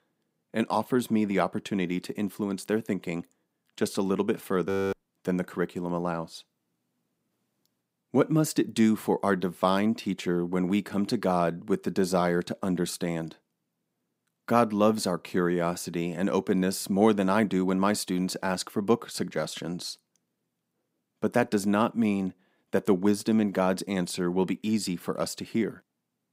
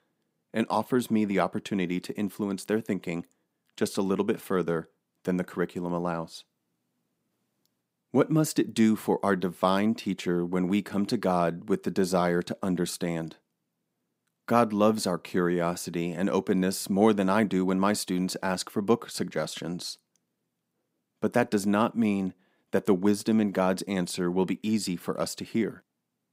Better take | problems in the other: second | audio freezing; at 4.5 s

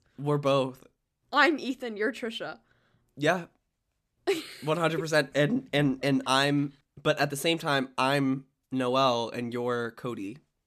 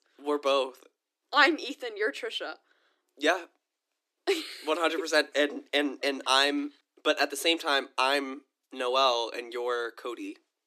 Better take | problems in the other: first | thin; somewhat; fading below 300 Hz

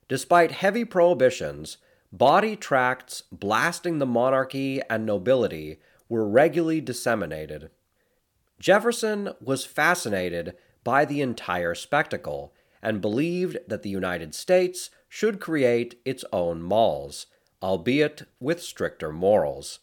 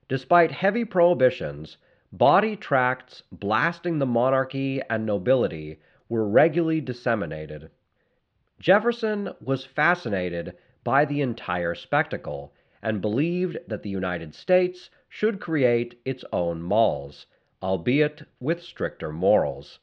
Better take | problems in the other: first | muffled; slightly; fading above 3.5 kHz

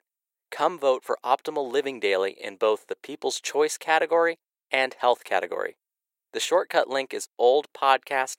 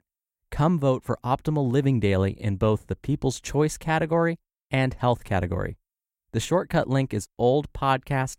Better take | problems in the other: second | thin; very; fading below 450 Hz

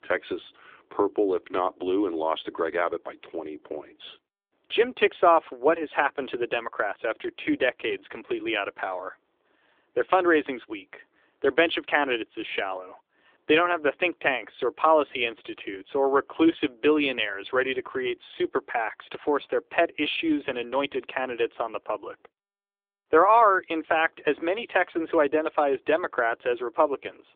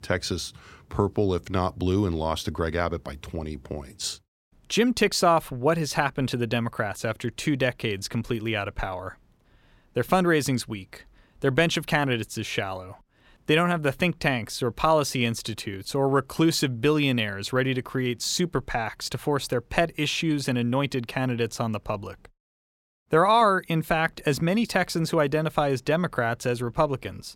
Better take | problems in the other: second | phone-call audio; nothing above 3.5 kHz

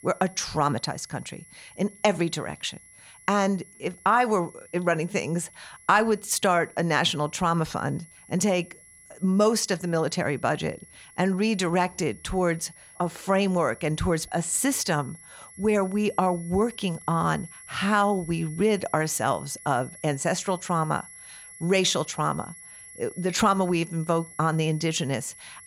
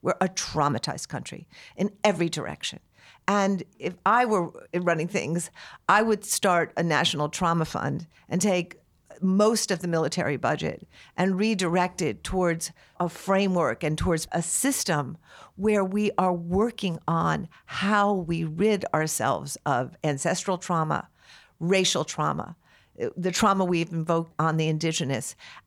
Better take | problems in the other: second | high-pitched whine; noticeable; throughout; 11 kHz, 20 dB below the speech

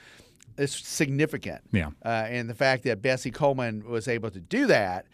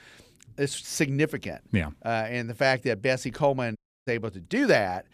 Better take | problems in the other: first | audio cutting out; at 4 s

